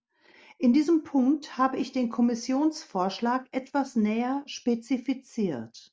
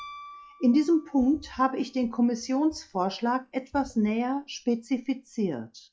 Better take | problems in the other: first | noise reduction (classical method log-MMSE)

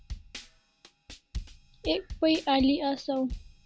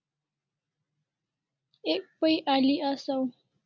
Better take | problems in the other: second | background sound (Drum kit); 12 dB below the speech

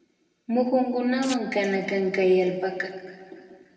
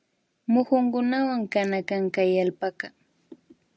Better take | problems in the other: second | background sound (Domestic sounds, home sounds); 16 dB below the speech // room echo; dies away in 2 s

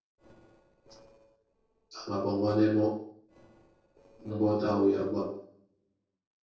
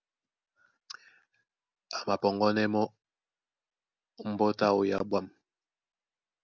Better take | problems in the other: second | noise reduction (neural separator model SepFormer DNS4)

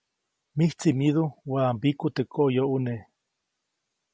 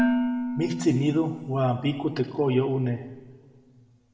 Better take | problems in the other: first | background sound (Dishes, pots, and pans); 5 dB below the speech // room echo; dies away in 1.7 s

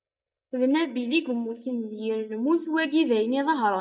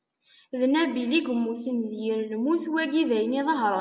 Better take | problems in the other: second | noise reduction (neural mask model DeepFilterNet 3)

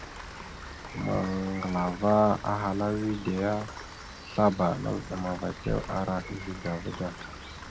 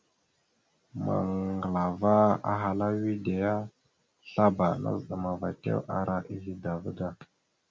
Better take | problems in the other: second | background sound (Rain); 11 dB below the speech

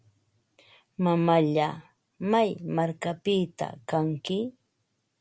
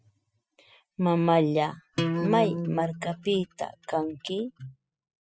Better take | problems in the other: first | noise reduction (classical method spectral subtraction)

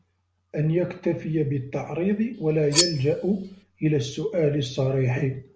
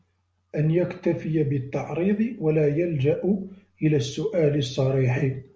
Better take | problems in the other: second | background sound (Cutlery, silverware); 4 dB below the speech

